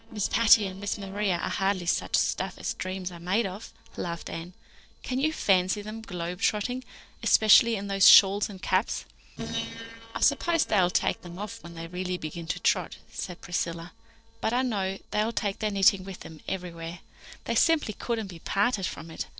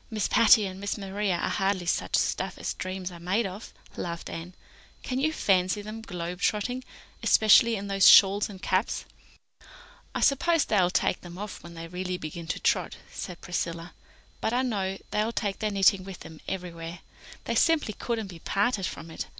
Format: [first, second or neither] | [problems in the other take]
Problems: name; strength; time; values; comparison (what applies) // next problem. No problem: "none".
second | noise reduction (neural separator model SepFormer DNS4)